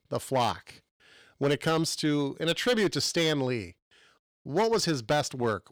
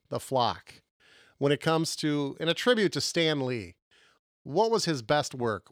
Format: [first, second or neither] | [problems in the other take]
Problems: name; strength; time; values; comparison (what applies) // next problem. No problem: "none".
second | distortion; slight; 5% of the sound clipped